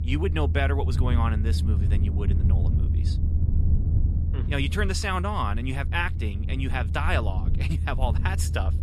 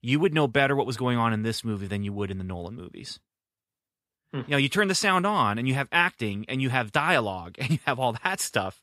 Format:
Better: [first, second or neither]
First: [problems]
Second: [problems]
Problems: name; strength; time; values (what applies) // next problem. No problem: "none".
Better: second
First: low rumble; noticeable; throughout; 10 dB below the speech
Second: none